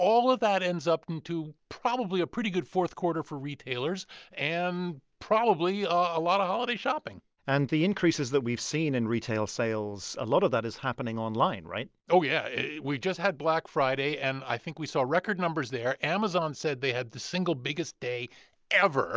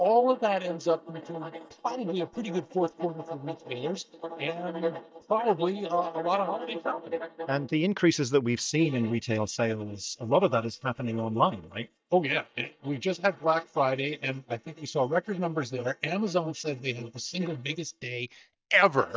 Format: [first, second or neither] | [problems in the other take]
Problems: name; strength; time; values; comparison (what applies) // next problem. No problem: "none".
first | noise reduction (neural mask model DeepFilterNet 3)